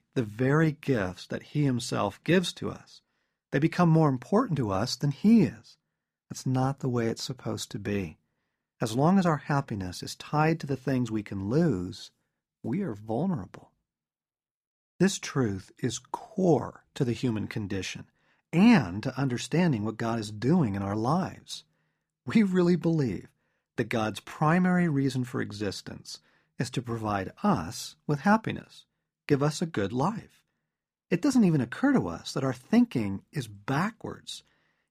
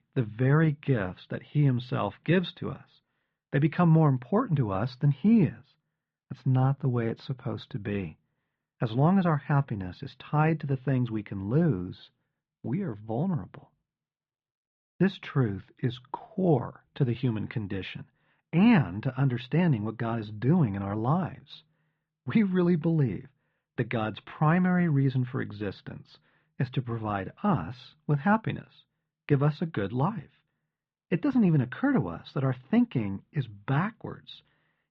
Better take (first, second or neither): first